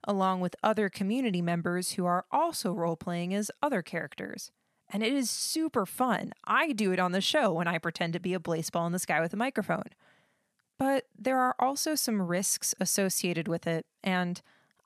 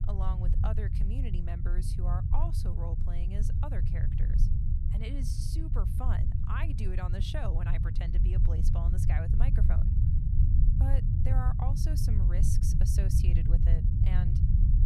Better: first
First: none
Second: low rumble; loud; throughout; 1 dB below the speech

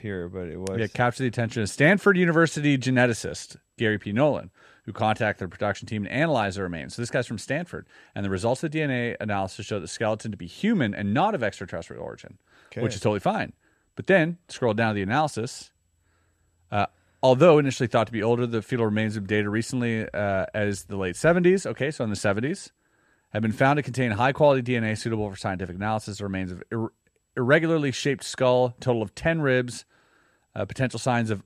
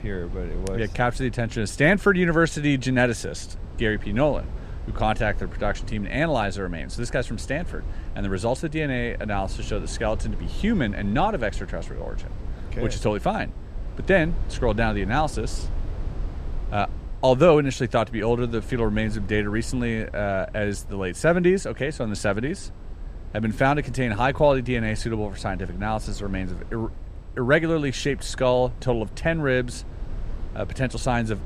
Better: first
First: none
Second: low rumble; faint; throughout; 25 dB below the speech

